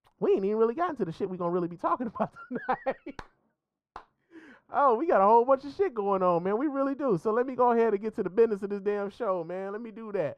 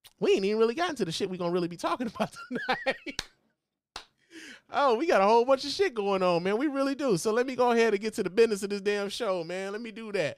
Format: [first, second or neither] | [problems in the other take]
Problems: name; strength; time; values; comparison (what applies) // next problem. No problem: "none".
second | muffled; very; fading above 2 kHz